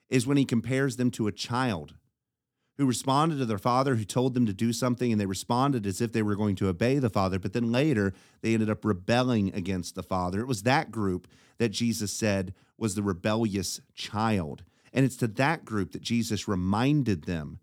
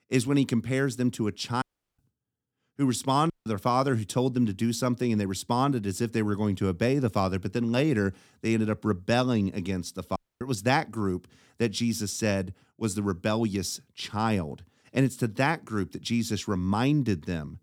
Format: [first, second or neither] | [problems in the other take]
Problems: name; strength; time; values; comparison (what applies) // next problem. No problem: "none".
first | audio cutting out; at 1.5 s, at 3.5 s and at 10 s